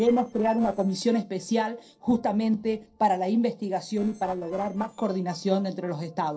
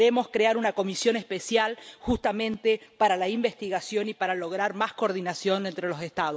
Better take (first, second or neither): second